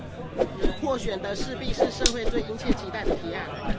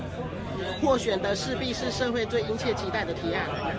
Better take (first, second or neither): second